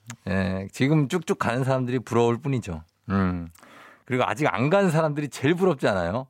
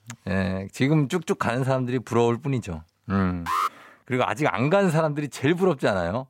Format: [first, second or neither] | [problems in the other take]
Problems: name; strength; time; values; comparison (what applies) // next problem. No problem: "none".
first | alarm; noticeable; at 3.5 s; peak 2 dB below the speech